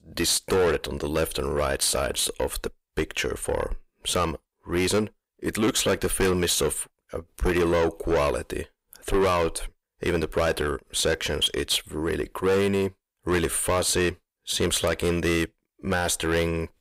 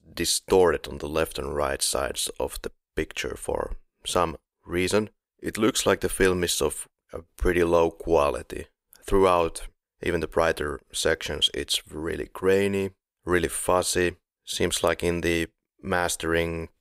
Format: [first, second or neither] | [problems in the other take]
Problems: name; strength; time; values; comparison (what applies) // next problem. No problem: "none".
second | distortion; heavy; 7 dB below the speech